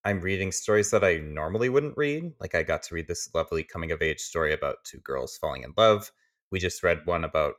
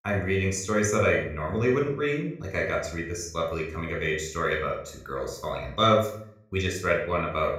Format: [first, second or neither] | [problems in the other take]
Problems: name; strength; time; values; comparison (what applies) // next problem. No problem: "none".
first | off-mic speech; somewhat distant // room echo; noticeable; dies away in 0.5 s